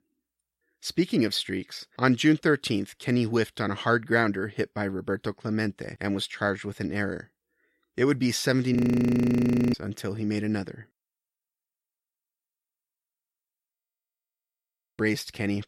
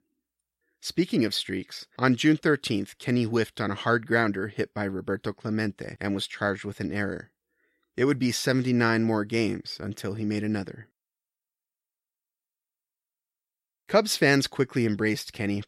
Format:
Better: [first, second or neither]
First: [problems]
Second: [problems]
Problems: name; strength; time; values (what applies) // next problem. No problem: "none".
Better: second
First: audio freezing; at 9 s for 1 s and at 14 s for 1.5 s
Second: none